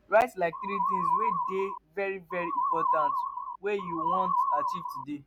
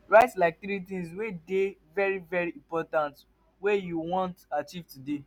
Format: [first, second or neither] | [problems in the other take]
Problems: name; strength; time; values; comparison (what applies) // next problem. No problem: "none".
second | background sound (Musical instrument); 3 dB above the speech